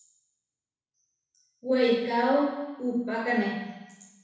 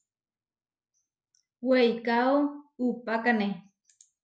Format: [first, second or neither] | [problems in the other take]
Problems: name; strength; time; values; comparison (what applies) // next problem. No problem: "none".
second | room echo; dies away in 1 s